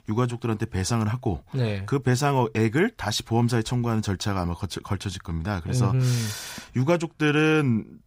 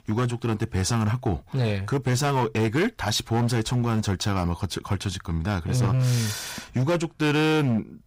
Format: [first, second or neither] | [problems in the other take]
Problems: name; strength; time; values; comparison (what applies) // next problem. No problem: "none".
first | distortion; slight; 13% of the sound clipped